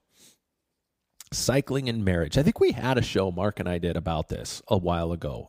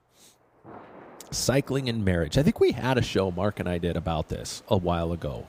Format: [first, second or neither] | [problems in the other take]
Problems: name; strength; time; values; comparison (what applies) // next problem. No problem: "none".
first | rain or running water; faint; throughout; 25 dB below the speech